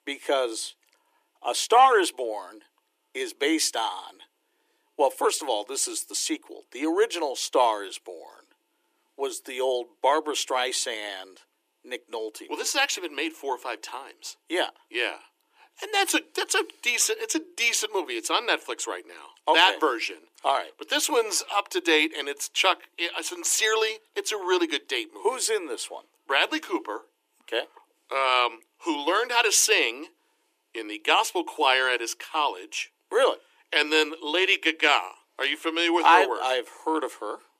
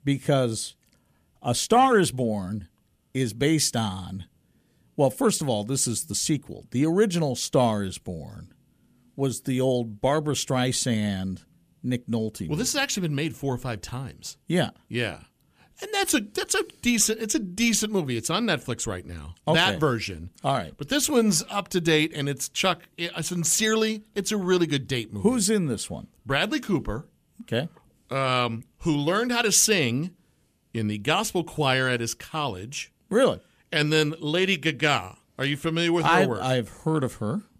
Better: second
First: thin; very; fading below 300 Hz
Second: none

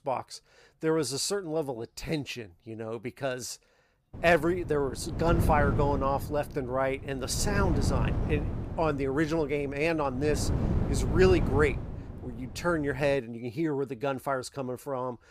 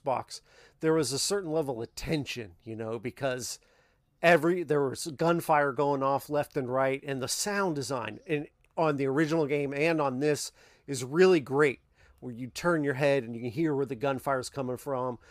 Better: second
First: wind noise on the microphone; occasional gusts; from 4 to 13 s; 10 dB below the speech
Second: none

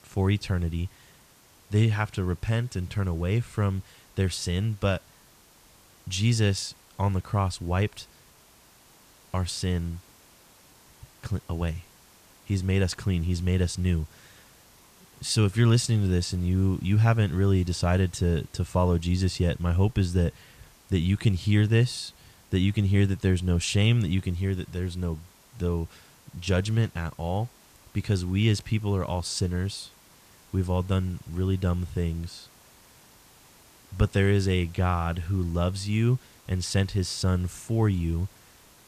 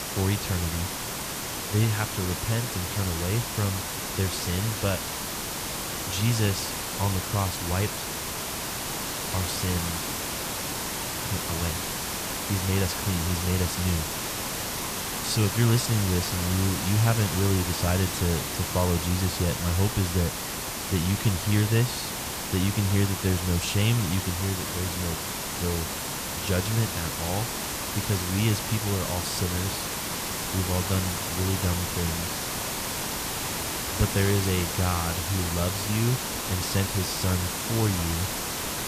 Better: first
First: hiss; faint; throughout; 25 dB below the speech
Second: hiss; loud; throughout; 1 dB below the speech

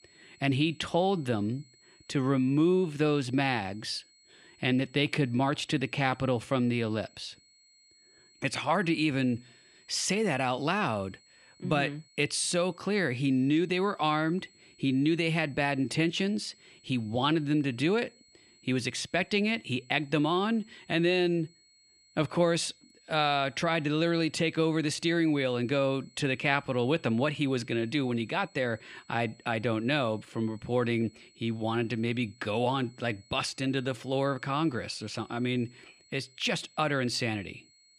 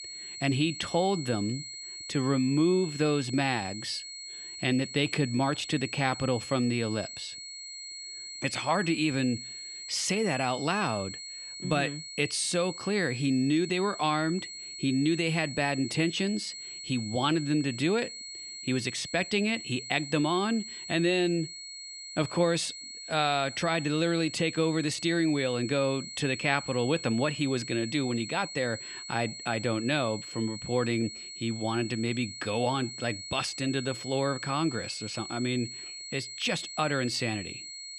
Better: first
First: high-pitched whine; faint; throughout; 4.5 kHz, 30 dB below the speech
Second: high-pitched whine; loud; throughout; 4.5 kHz, 10 dB below the speech

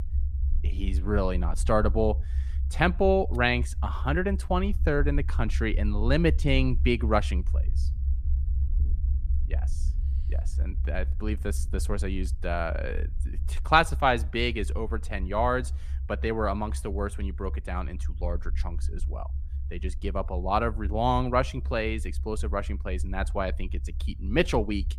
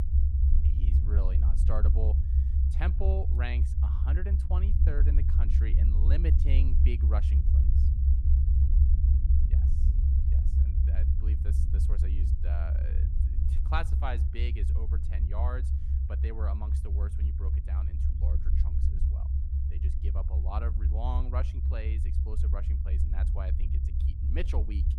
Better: first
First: low rumble; faint; throughout; 25 dB below the speech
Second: low rumble; loud; throughout; 3 dB below the speech

